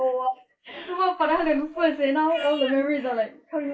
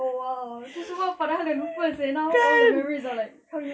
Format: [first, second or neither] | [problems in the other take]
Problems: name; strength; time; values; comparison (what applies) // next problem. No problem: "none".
second | noise reduction (neural mask model Resemble Enhance denoiser)